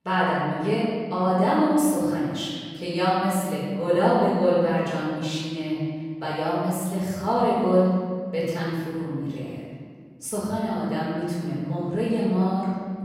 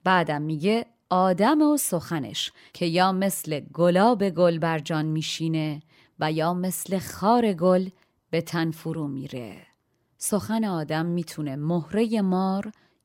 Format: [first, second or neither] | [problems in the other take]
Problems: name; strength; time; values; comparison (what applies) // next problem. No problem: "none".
second | off-mic speech; far // room echo; strong; dies away in 1.7 s